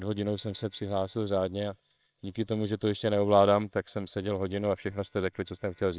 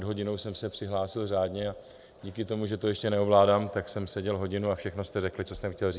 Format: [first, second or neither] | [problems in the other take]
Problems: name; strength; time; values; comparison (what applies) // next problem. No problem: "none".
second | noise reduction (neural separator model SepFormer WHAMR!)